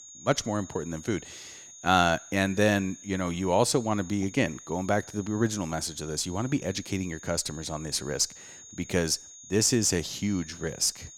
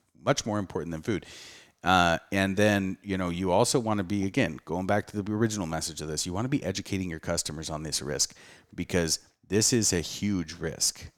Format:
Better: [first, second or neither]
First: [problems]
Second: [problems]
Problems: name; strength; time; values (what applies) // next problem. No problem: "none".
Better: second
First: high-pitched whine; noticeable; throughout; 6.5 kHz, 15 dB below the speech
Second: none